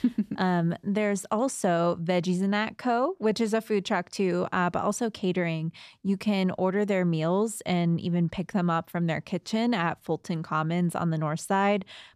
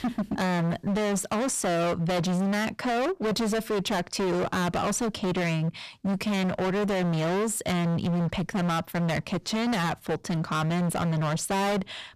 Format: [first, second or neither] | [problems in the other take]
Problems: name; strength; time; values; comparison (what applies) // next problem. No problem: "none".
first | distortion; heavy; 38% of the sound clipped